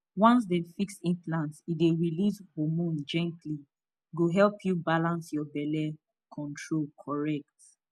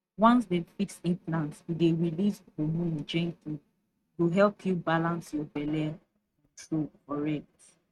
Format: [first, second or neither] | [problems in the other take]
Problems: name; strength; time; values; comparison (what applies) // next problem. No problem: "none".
first | noise reduction (neural mask model RNNoise)